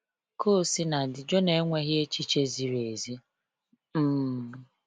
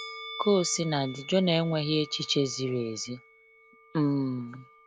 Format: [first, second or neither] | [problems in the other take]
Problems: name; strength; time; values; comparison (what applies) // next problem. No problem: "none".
first | background sound (Musical instrument); 17 dB below the speech